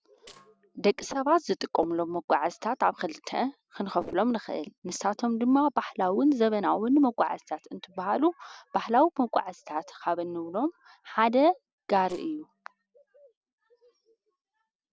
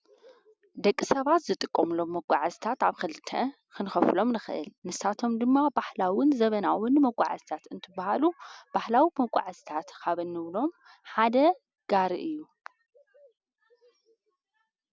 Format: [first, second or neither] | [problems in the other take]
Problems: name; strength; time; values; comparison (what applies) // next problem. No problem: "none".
second | noise reduction (neural separator model SepFormer DNS4)